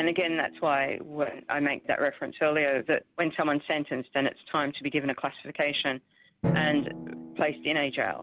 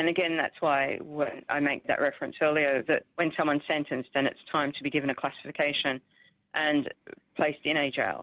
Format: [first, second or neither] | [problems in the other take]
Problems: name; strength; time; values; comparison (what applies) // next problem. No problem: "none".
second | background sound (Drum); 11 dB below the speech